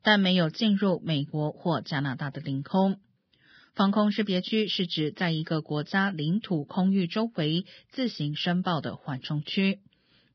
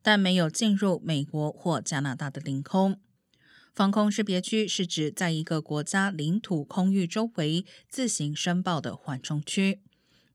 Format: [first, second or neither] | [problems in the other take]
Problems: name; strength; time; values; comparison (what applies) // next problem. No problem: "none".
second | garbled, watery; badly; nothing above 5 kHz